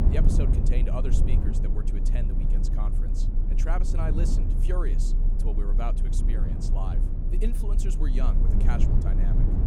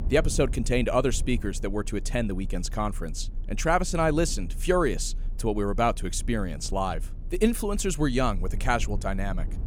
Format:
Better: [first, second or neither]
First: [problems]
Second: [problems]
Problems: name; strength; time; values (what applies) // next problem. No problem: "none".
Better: second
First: low rumble; loud; throughout; 2 dB below the speech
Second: low rumble; faint; throughout; 25 dB below the speech